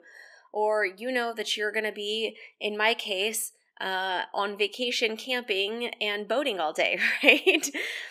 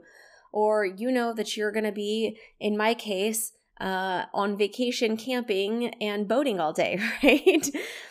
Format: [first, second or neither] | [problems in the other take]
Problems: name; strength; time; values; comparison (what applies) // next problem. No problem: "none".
second | thin; somewhat; fading below 350 Hz